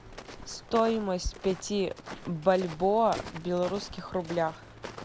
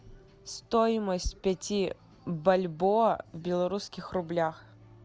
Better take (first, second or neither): second